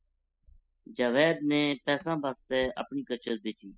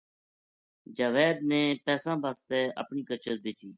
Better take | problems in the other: second | noise reduction (classical method spectral subtraction)

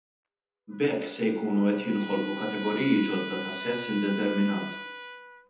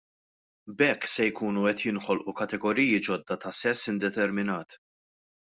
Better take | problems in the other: second | background sound (Trumpet); 12 dB below the speech // room echo; dies away in 1 s

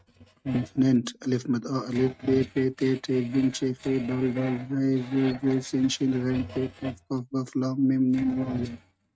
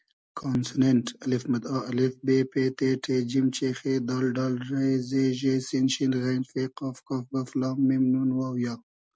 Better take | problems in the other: second | noise reduction (neural mask model RNNoise)

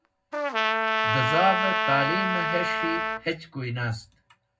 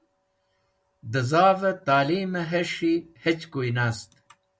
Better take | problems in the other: second | background sound (Trumpet); 3 dB above the speech // room echo; dies away in 0.3 s

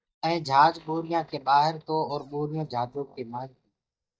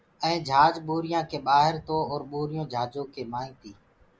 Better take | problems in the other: second | noise reduction (neural mask model DeepFilterNet 3)

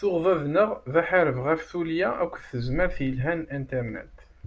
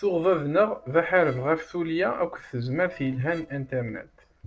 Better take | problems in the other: first | noise reduction (neural separator model SepFormer DNS4)

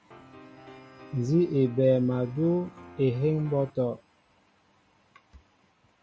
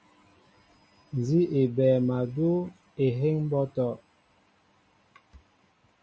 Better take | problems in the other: second | background sound (Piano); 20 dB below the speech

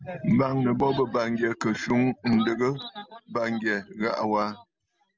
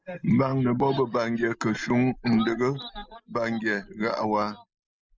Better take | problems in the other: first | noise reduction (neural mask model Resemble Enhance denoiser)

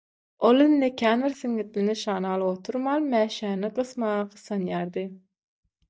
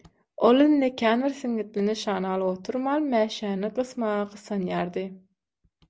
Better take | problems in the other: second | noise reduction (neural mask model DeepFilterNet 3)

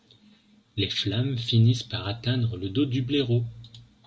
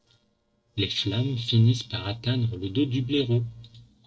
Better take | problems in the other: first | noise reduction (neural separator model SepFormer DNS4)

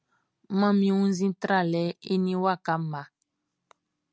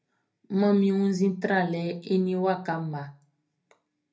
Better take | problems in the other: first | room echo; dies away in 0.3 s

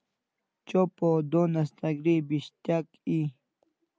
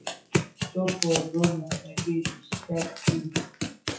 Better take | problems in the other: first | noise reduction (classical method WPE with log-MMSE)

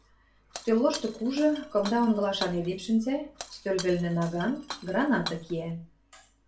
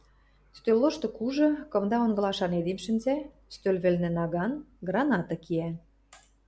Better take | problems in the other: second | background sound (Shatter); 14 dB below the speech // room echo; dies away in 0.3 s

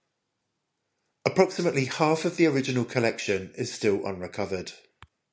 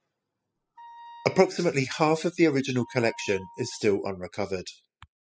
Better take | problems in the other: first | noise reduction (classical method spectral subtraction)

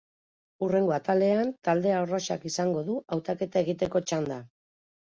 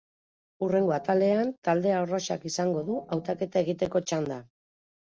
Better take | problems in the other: first | noise reduction (neural separator model SepFormer DNS4)

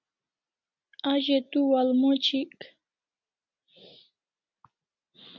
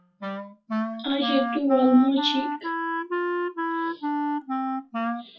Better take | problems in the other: first | noise reduction (classical method WPE with log-MMSE)

